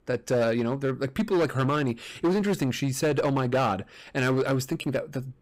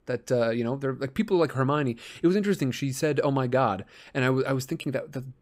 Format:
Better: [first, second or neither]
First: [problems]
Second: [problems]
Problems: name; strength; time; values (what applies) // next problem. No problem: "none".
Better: second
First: distortion; slight; 11% of the sound clipped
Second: none